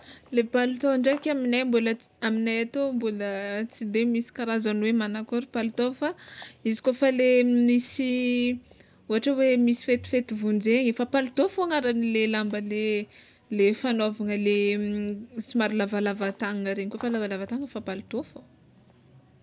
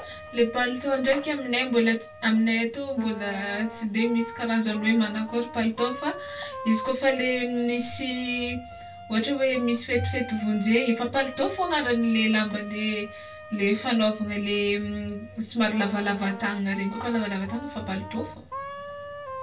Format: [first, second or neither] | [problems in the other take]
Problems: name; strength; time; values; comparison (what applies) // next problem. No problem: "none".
first | background sound (Wind instrument, woodwind instrument); 14 dB below the speech // room echo; dies away in 0.2 s